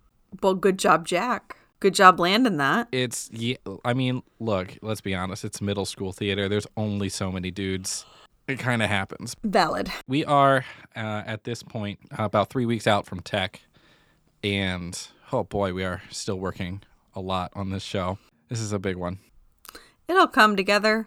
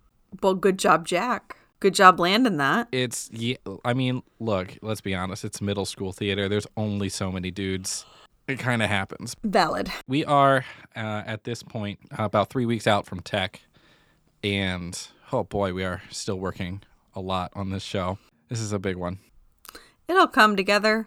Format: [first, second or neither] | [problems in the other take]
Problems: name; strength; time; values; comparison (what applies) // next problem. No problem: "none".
neither | none